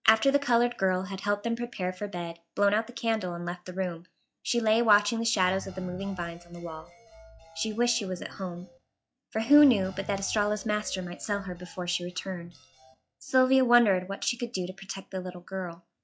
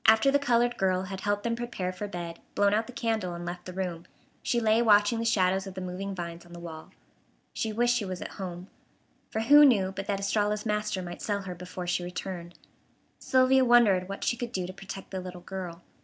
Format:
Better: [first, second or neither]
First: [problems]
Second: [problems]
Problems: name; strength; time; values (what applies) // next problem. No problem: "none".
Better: second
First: noise reduction (classical method log-MMSE)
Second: none